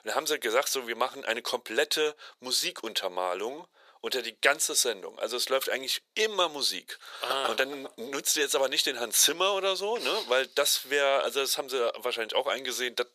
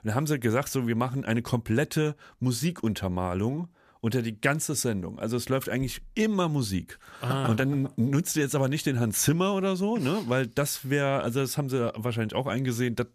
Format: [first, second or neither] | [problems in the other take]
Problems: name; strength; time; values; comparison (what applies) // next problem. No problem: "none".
second | thin; very; fading below 450 Hz